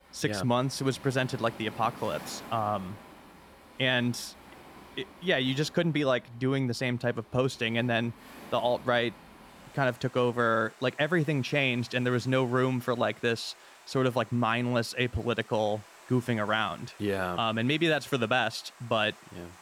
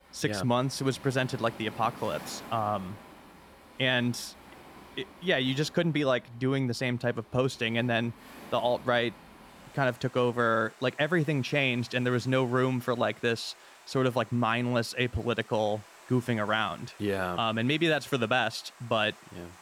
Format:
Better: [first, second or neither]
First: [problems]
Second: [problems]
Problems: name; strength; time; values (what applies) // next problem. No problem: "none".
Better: neither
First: rain or running water; faint; throughout; 20 dB below the speech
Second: rain or running water; faint; throughout; 20 dB below the speech